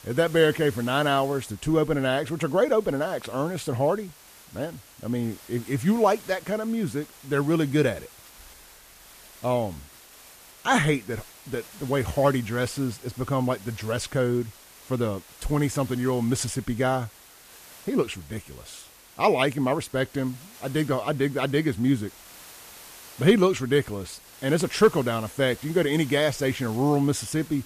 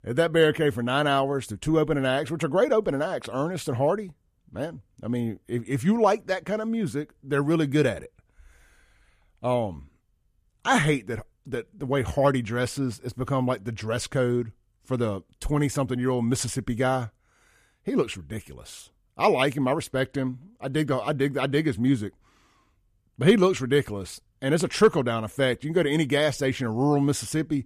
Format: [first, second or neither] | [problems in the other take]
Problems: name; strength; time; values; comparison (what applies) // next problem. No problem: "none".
second | hiss; faint; throughout; 20 dB below the speech